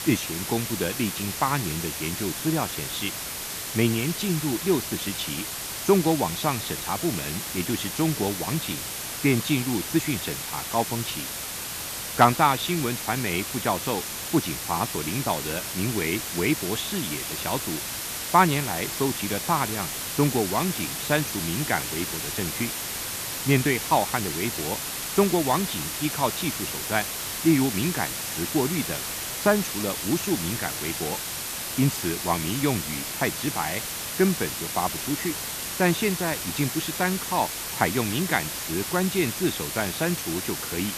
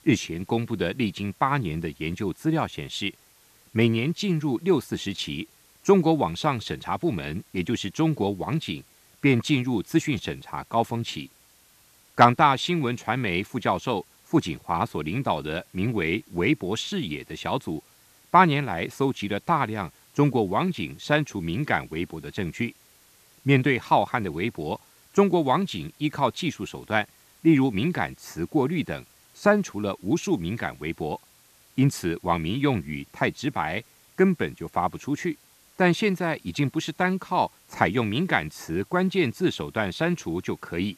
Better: second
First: hiss; loud; throughout; 3 dB below the speech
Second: hiss; faint; throughout; 30 dB below the speech

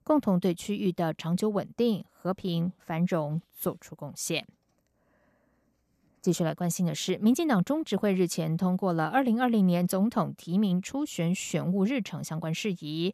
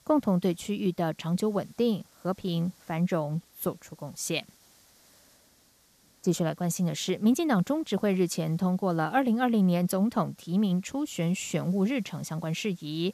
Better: first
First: none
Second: hiss; faint; throughout; 30 dB below the speech

